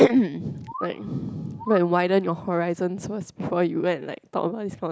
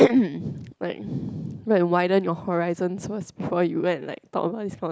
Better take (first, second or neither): second